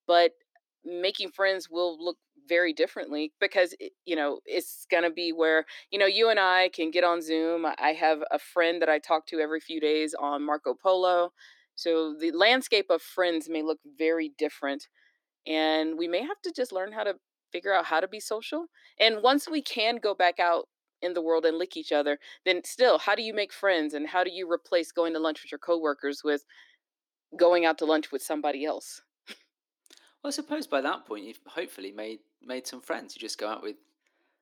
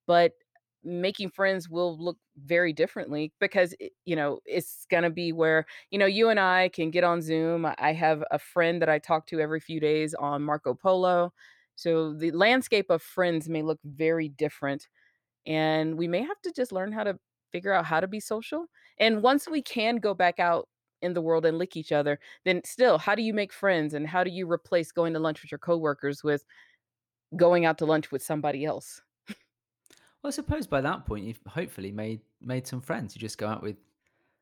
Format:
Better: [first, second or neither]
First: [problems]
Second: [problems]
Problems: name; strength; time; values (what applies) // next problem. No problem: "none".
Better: second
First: thin; very slightly; fading below 300 Hz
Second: none